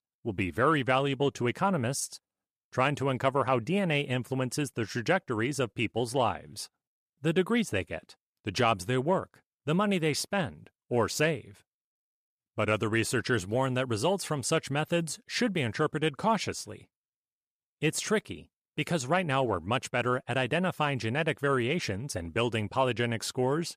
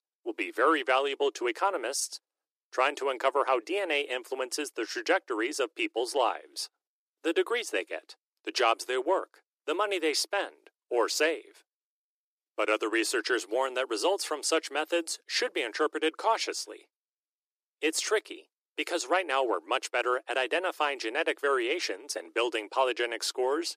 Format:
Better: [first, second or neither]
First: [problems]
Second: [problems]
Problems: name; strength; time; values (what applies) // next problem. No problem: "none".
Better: first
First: none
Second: thin; very; fading below 300 Hz